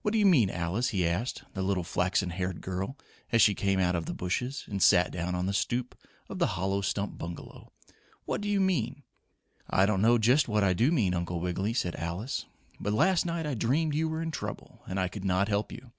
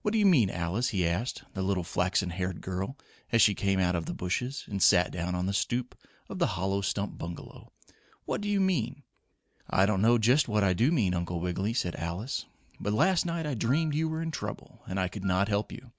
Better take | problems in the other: first | background sound (Wind instrument, woodwind instrument); 19 dB below the speech

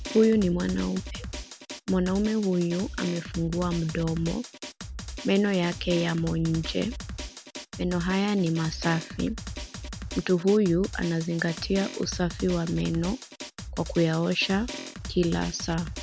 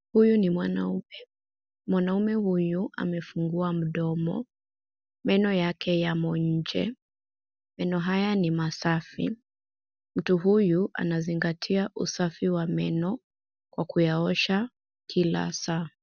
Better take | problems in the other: second | background sound (Drum); 11 dB below the speech

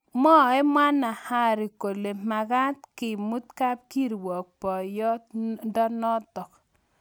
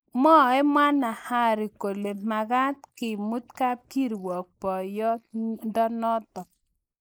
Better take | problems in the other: first | noise reduction (neural mask model Resemble Enhance denoiser)

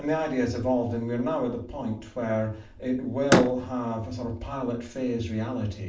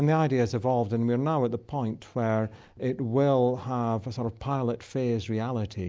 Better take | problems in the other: second | background sound (Slam); 3 dB below the speech // room echo; dies away in 0.4 s

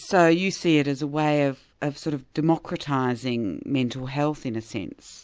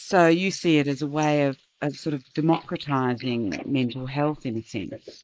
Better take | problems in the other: first | noise reduction (neural mask model Resemble Enhance denoiser)

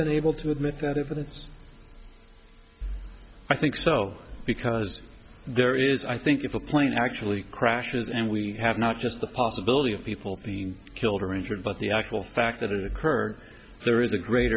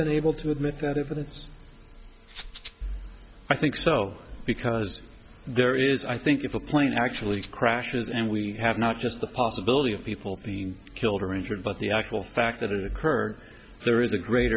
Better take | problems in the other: first | background sound (Rattle (instrument)); 16 dB below the speech

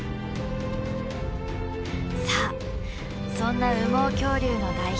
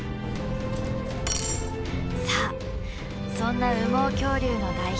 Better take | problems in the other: first | background sound (Cutlery, silverware); 6 dB below the speech

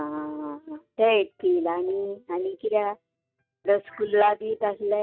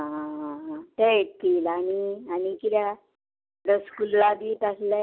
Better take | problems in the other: second | noise reduction (neural mask model RNNoise)

